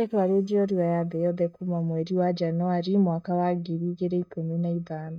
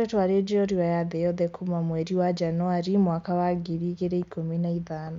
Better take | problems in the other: second | noise reduction (neural mask model DeepFilterNet 3)

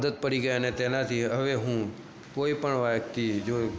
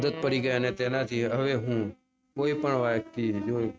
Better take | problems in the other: first | noise reduction (neural mask model RNNoise)

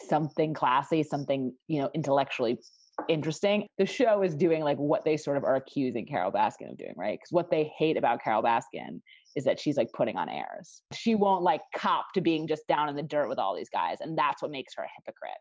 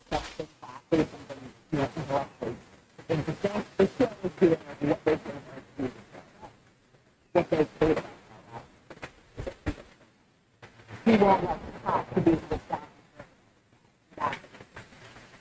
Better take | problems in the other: first | noise reduction (neural mask model RNNoise)

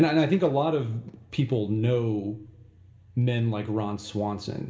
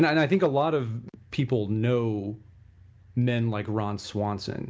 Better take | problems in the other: second | room echo; dies away in 0.6 s

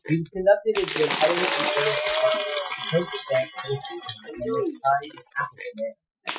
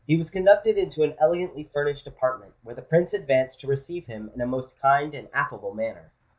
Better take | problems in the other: second | noise reduction (classical method Wiener filter)

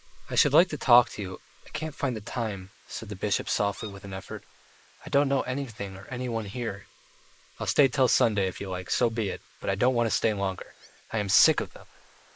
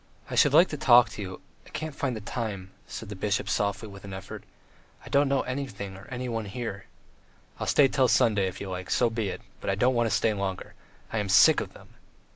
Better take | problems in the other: second | noise reduction (neural mask model Resemble Enhance denoiser)

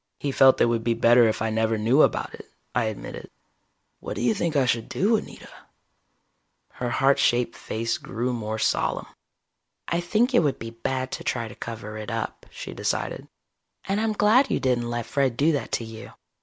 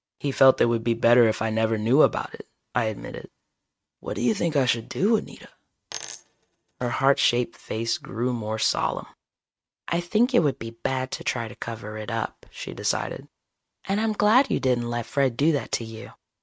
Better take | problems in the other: first | noise reduction (neural mask model RNNoise)

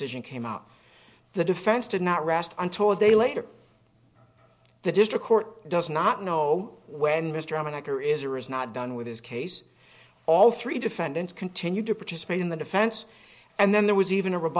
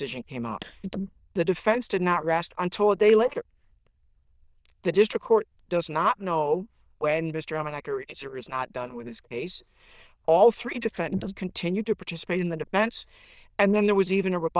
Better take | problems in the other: first | noise reduction (neural diffusion model UNIVERSE++)

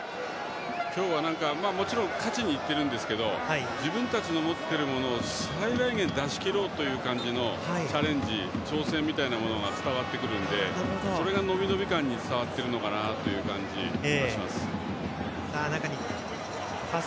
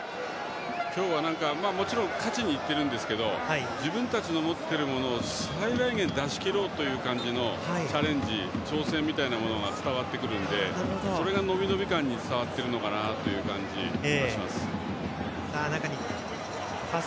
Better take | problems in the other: second | background sound (Trumpet); 14 dB below the speech

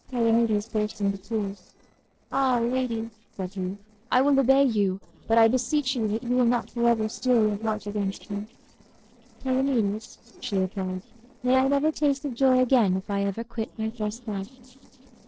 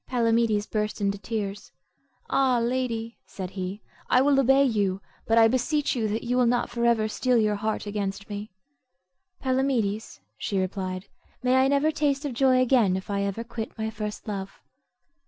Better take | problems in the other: second | noise reduction (neural separator model SepFormer DNS4)

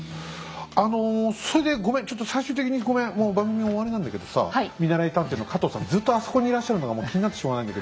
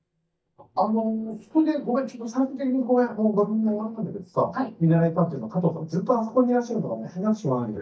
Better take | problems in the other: first | noise reduction (neural mask model DeepFilterNet 3)

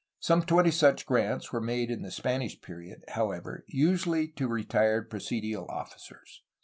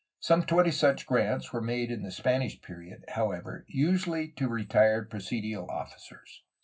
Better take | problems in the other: first | room echo; dies away in 0.4 s

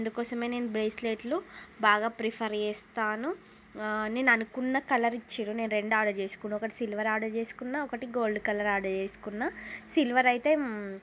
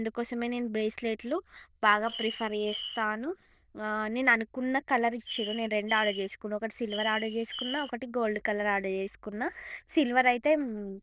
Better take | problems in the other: first | noise reduction (neural diffusion model UNIVERSE++)

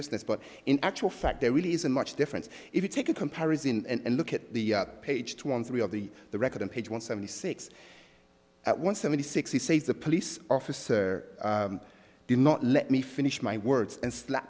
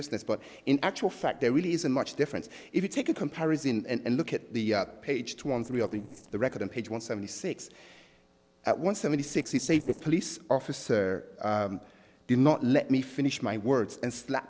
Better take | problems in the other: first | noise reduction (neural separator model SepFormer DNS4)

